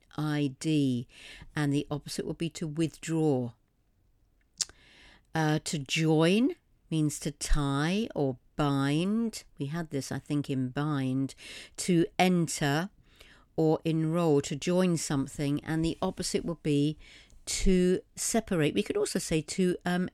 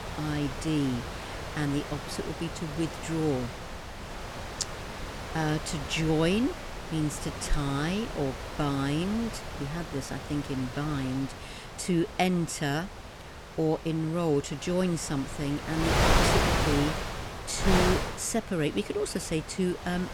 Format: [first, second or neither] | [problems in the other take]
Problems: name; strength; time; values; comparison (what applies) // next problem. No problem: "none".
first | wind noise on the microphone; heavy; 1 dB below the speech